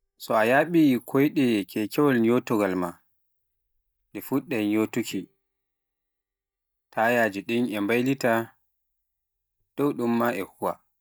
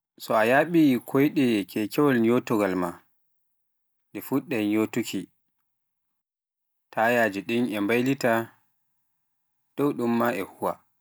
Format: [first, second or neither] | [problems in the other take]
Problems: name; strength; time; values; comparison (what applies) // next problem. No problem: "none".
second | noise reduction (neural mask model DeepFilterNet 3)